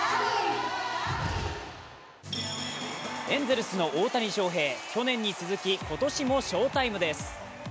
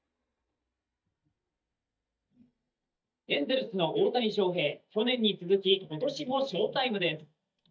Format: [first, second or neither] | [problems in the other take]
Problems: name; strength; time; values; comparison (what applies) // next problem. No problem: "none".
first | noise reduction (neural mask model DeepFilterNet 3)